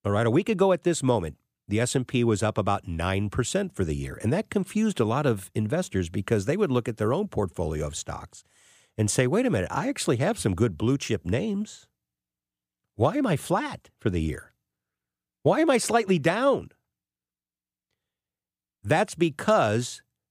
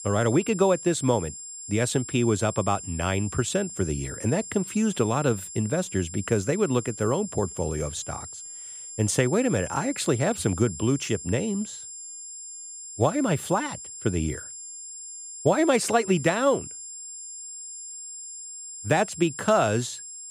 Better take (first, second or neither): first